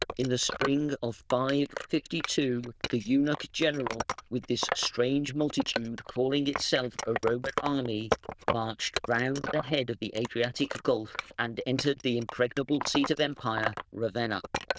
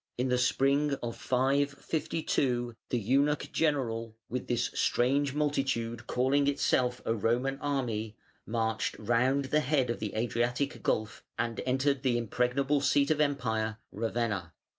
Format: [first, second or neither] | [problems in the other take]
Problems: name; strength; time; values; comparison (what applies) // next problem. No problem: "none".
second | noise reduction (neural diffusion model UNIVERSE++)